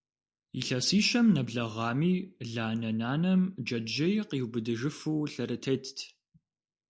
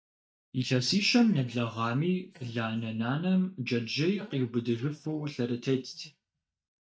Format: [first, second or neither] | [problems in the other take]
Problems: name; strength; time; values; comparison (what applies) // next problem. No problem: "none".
first | noise reduction (neural mask model DeepFilterNet 3)